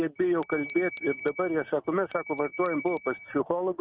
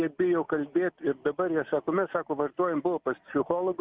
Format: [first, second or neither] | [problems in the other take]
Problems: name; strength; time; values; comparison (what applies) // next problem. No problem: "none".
second | noise reduction (neural mask model RNNoise)